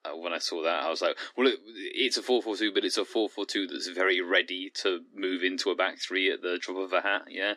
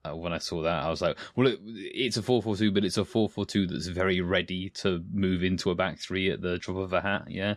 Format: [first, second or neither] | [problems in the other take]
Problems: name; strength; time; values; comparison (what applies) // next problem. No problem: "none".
second | thin; somewhat; fading below 250 Hz